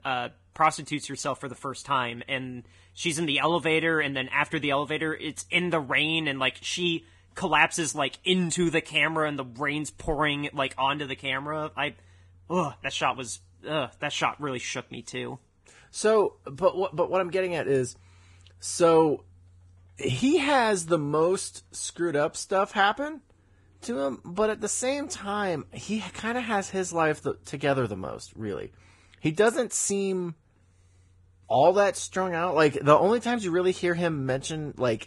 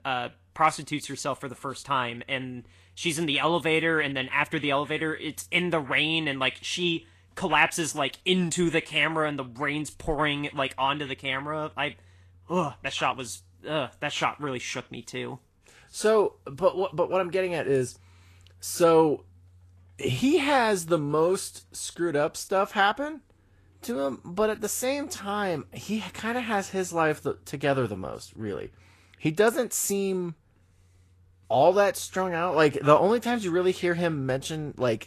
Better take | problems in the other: second | garbled, watery; badly; nothing above 10 kHz; slightly in the second

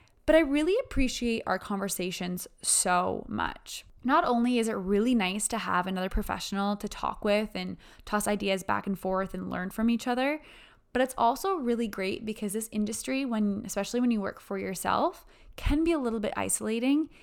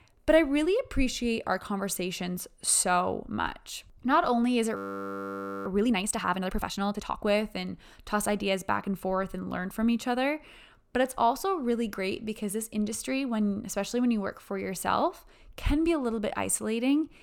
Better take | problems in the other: first | audio freezing; at 5 s for 1 s

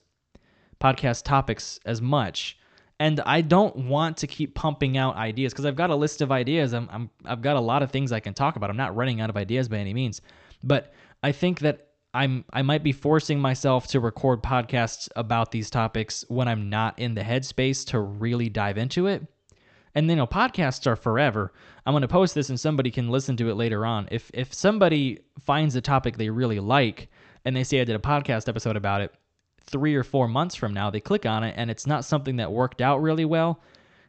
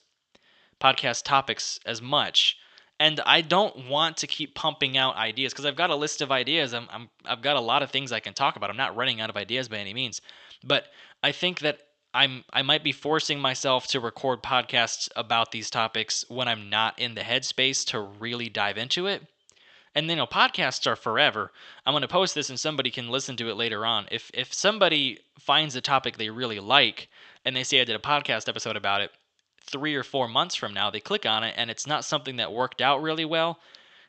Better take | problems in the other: first | thin; somewhat; fading below 1 kHz

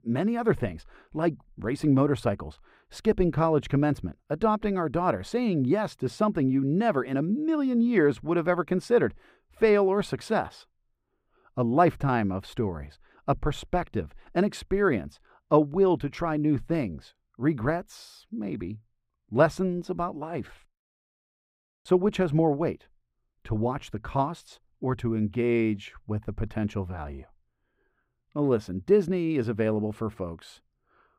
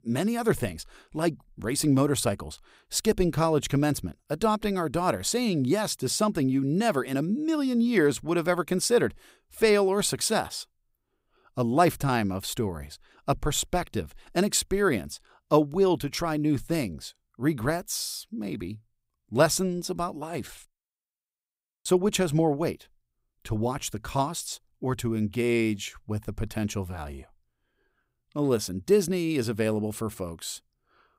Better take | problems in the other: second | muffled; very; fading above 4 kHz

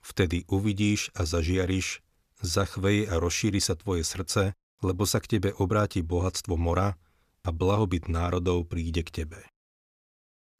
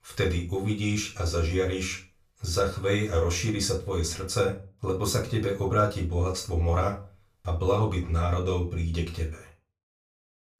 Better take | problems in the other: first | off-mic speech; far // room echo; slight; dies away in 0.3 s

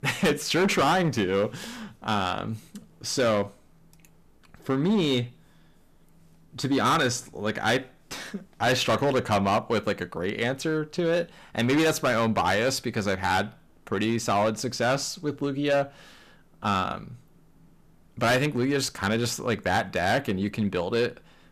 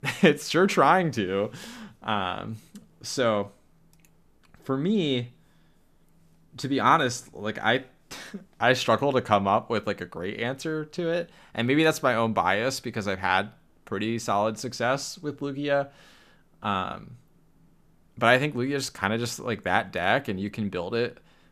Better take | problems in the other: second | distortion; heavy; 7% of the sound clipped

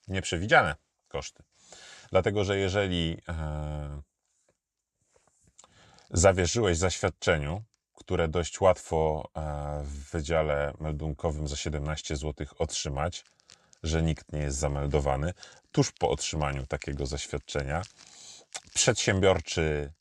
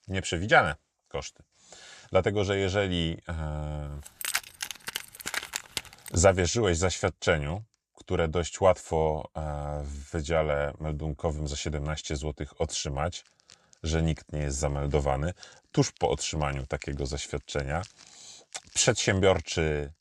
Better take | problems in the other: first | jangling keys; noticeable; from 4 to 6 s; peak 2 dB below the speech

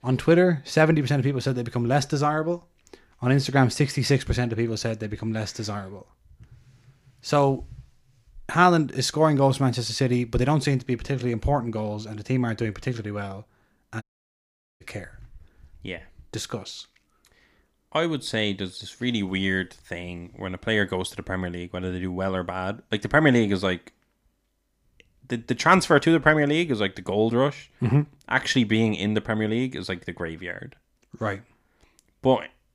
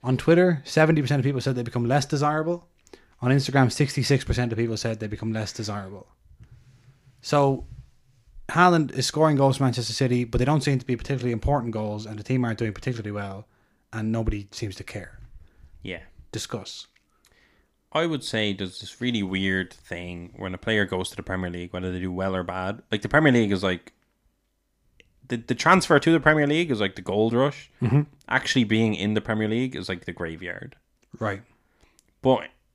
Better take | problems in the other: second | audio cutting out; at 14 s for 1 s

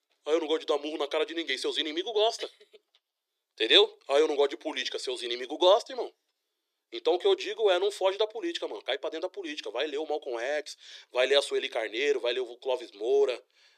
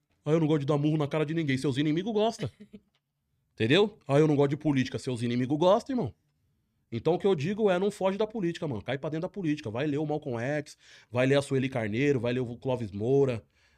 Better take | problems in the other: second | thin; very; fading below 350 Hz

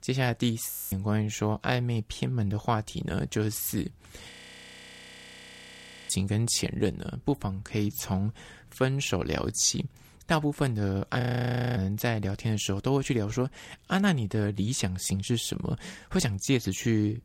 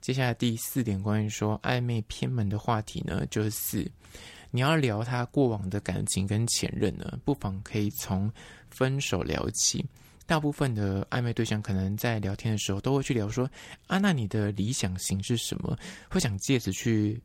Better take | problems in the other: second | audio freezing; at 0.5 s, at 4.5 s for 2 s and at 11 s for 0.5 s

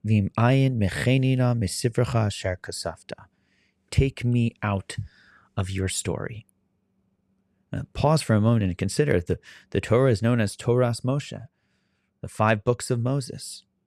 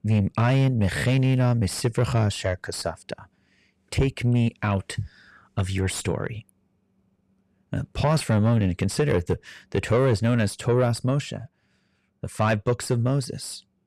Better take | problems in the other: first | distortion; slight; 10 dB below the speech

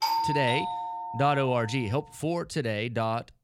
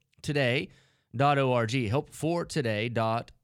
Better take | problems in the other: second | doorbell; loud; until 1.5 s; peak 2 dB above the speech

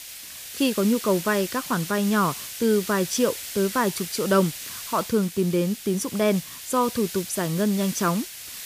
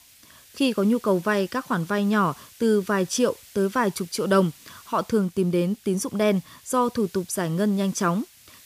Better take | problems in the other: second | hiss; loud; throughout; 9 dB below the speech; faint in the second

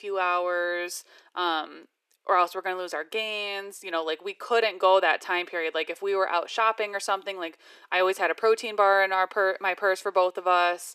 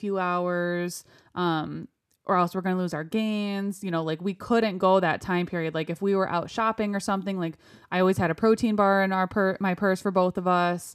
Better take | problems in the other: second | thin; very; fading below 400 Hz

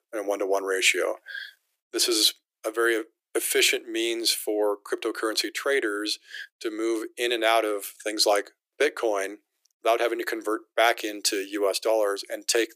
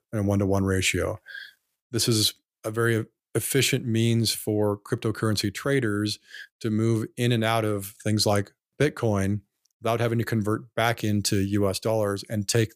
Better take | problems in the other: second | thin; very; fading below 350 Hz

